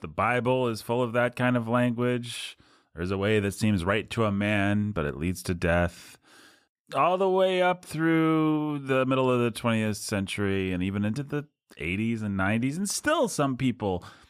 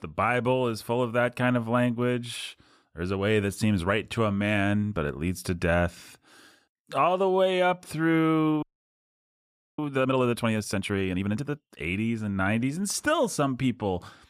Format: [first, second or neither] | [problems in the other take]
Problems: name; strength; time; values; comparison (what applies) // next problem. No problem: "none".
first | audio freezing; at 8.5 s for 1 s